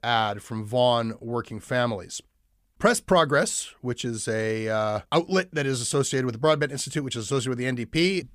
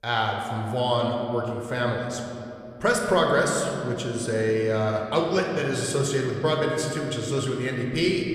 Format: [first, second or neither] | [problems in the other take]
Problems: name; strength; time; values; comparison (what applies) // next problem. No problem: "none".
first | room echo; noticeable; dies away in 2.4 s